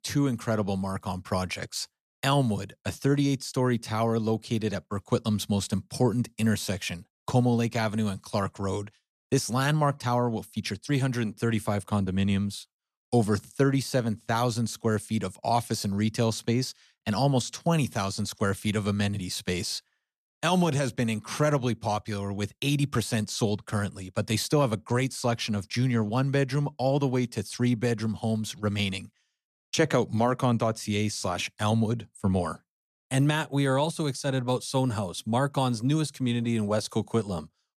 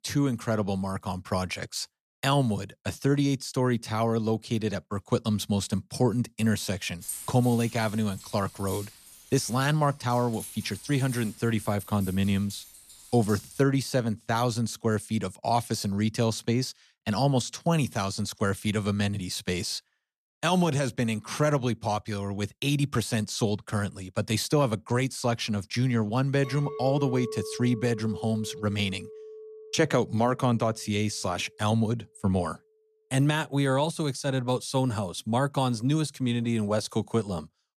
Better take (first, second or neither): first